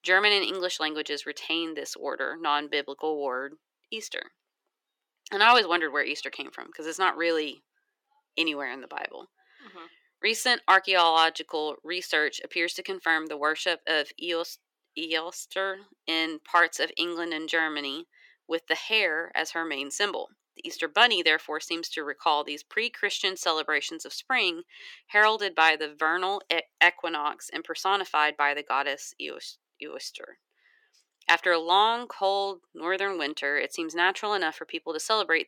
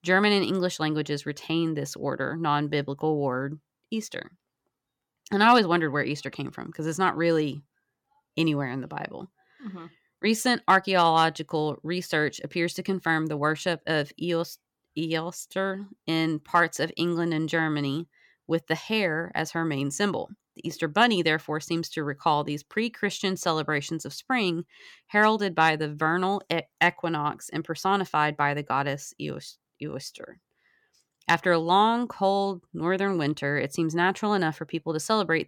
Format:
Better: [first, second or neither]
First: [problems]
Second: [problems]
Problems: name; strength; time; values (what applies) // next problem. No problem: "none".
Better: second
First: thin; very; fading below 350 Hz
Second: none